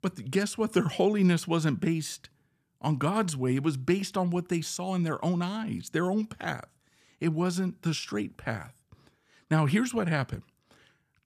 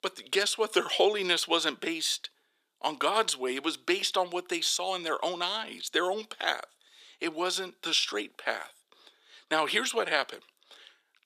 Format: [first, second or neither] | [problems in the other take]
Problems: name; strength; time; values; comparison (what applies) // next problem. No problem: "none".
first | thin; very; fading below 400 Hz